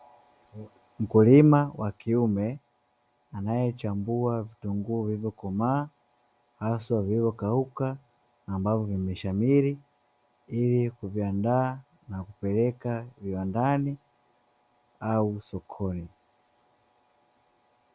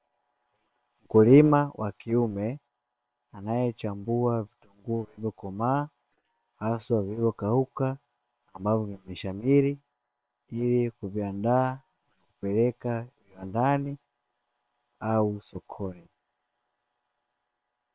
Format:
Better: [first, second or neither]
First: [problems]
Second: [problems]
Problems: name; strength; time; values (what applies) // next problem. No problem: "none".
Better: first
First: none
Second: noise reduction (neural separator model SepFormer WHAM!)